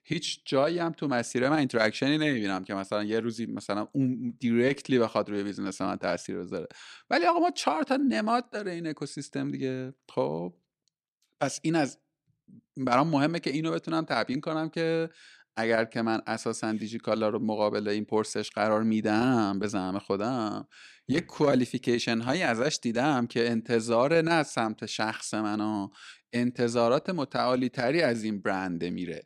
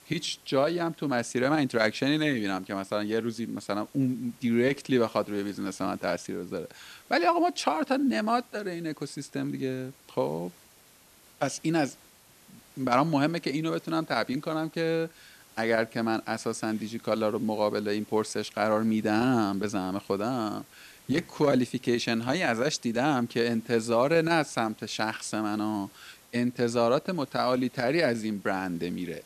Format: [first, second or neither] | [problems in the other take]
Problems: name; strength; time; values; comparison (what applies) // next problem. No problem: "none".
first | hiss; faint; throughout; 25 dB below the speech